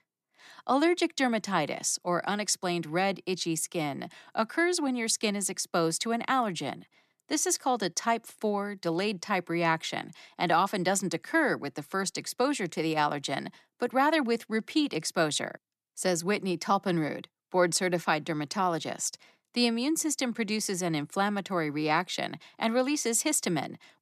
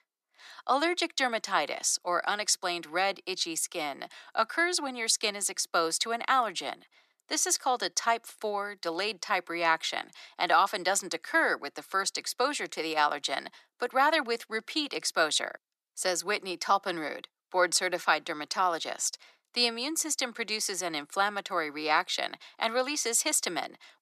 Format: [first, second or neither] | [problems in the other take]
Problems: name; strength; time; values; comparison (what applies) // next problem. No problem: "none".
first | thin; somewhat; fading below 500 Hz